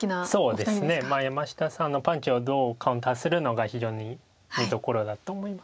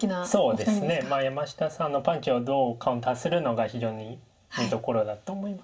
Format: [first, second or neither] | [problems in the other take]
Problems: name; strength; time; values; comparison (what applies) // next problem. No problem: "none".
first | room echo; dies away in 0.3 s